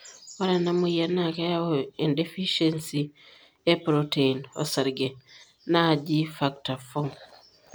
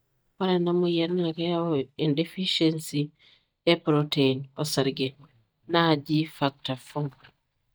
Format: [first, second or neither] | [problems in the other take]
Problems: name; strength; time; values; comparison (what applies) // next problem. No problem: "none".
first | noise reduction (neural mask model DeepFilterNet 3)